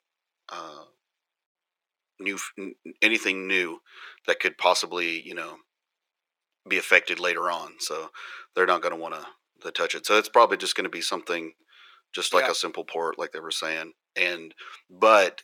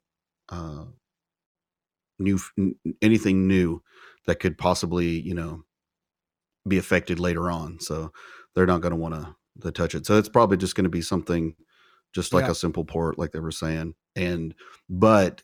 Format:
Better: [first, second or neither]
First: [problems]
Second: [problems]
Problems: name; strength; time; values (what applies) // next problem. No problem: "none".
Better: second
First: thin; very; fading below 450 Hz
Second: none